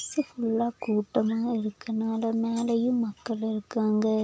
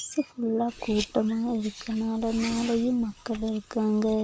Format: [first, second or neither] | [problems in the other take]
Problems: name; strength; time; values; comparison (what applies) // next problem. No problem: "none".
first | background sound (Car); 15 dB below the speech